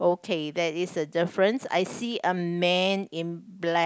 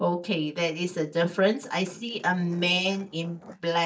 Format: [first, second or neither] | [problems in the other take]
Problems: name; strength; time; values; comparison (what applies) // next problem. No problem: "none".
first | noise reduction (neural mask model DeepFilterNet 3)